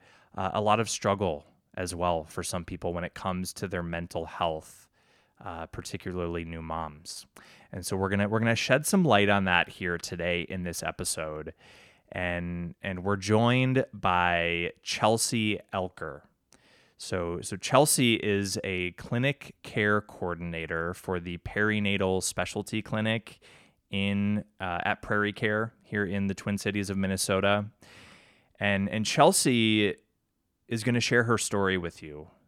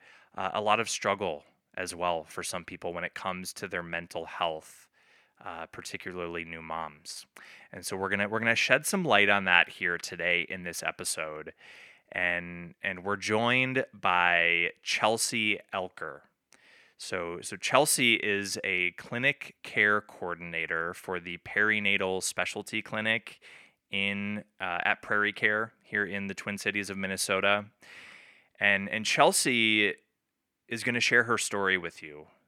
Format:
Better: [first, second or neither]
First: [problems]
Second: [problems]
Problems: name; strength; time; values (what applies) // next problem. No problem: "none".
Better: first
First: none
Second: thin; very slightly; fading below 350 Hz